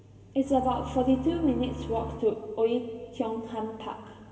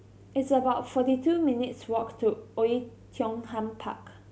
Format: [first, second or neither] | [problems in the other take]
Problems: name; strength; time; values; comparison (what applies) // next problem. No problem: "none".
second | background sound (Bowed string instrument); 11 dB below the speech // room echo; dies away in 2.8 s